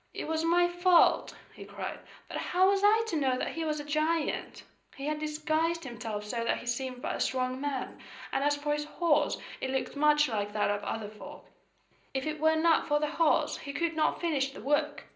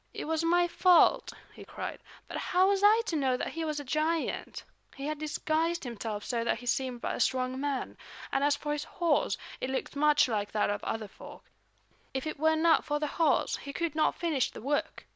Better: second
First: room echo; dies away in 0.5 s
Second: none

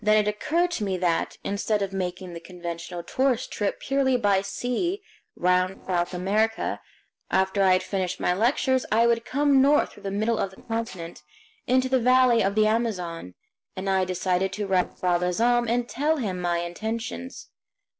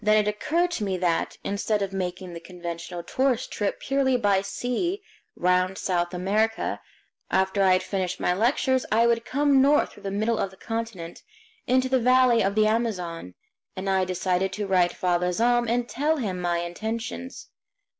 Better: second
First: noise reduction (neural separator model SepFormer DNS4)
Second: none

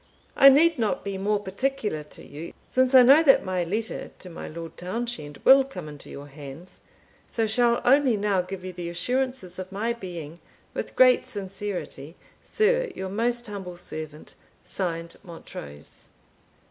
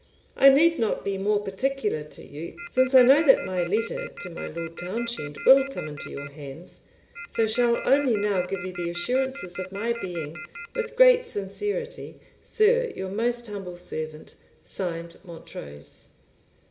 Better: first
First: none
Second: background sound (Telephone); 14 dB below the speech // room echo; dies away in 0.9 s

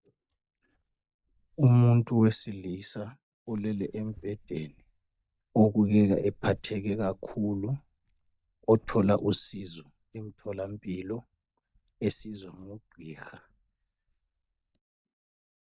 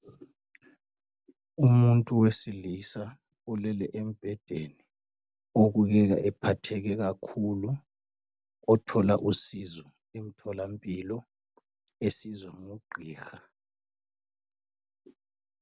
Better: second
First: noise reduction (neural mask model DeepFilterNet 3)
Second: none

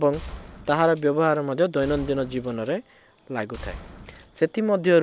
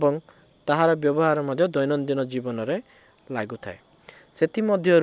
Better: second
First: background sound (Gunshot, gunfire); 18 dB below the speech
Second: none

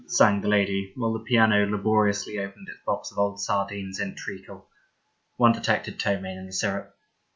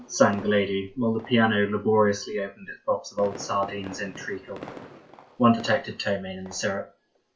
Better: first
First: none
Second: background sound (Fireworks); 19 dB below the speech // room echo; dies away in 0.1 s

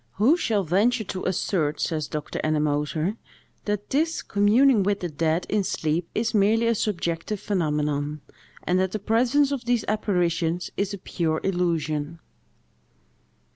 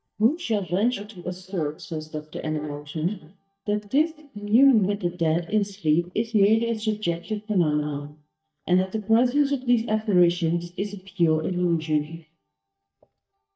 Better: first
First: none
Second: noise reduction (neural mask model DeepFilterNet 3)

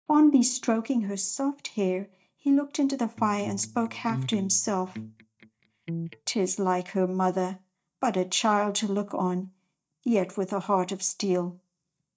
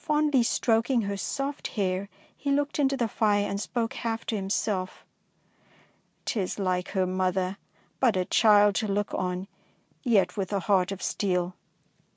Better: second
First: noise reduction (neural mask model DeepFilterNet 3)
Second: none

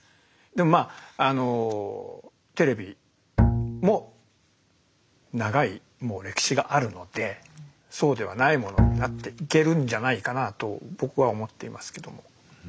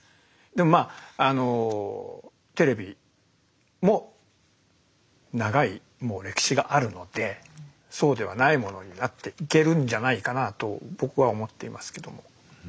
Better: second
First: background sound (Bowed string instrument); 2 dB above the speech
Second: none

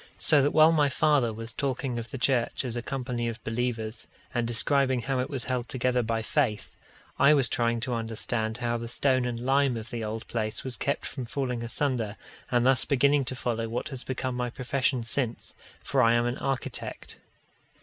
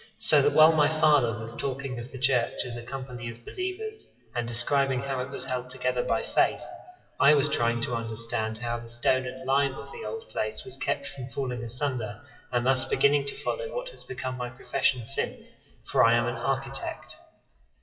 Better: first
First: none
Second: noise reduction (classical method WPE with log-MMSE)

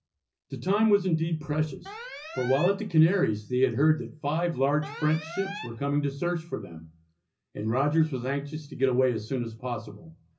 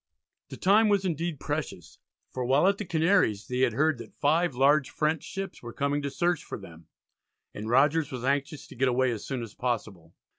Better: second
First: background sound (Alarm); 14 dB below the speech // room echo; dies away in 0.4 s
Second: none

